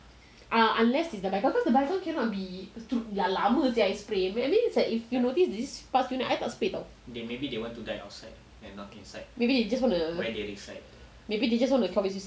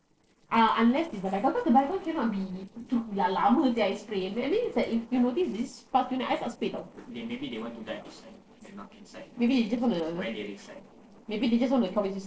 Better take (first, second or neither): first